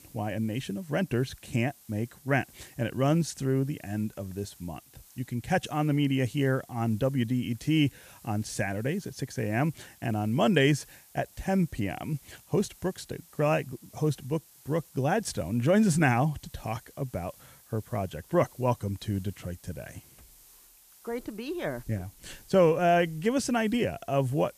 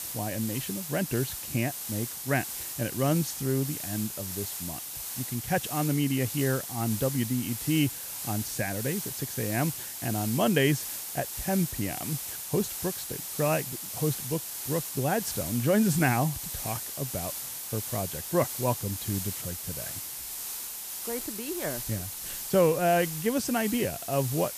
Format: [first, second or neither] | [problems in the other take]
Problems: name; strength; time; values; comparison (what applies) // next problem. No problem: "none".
first | hiss; loud; throughout; 4 dB below the speech; faint in the first